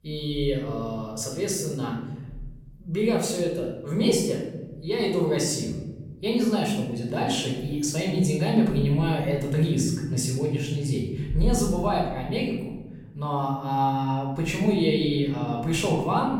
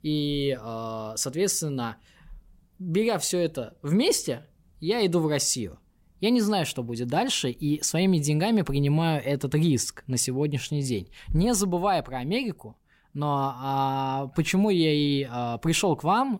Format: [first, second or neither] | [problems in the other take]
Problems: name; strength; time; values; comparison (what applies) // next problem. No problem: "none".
second | off-mic speech; far // room echo; noticeable; dies away in 1.5 s